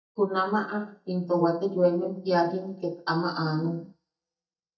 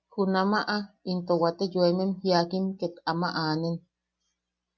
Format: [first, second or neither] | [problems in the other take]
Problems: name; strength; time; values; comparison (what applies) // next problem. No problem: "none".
second | noise reduction (neural mask model DeepFilterNet 3)